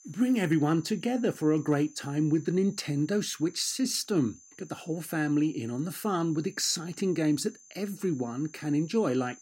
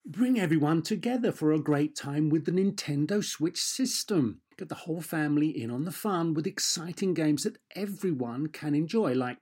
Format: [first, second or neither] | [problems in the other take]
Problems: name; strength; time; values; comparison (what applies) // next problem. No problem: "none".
second | high-pitched whine; faint; throughout; 6.5 kHz, 25 dB below the speech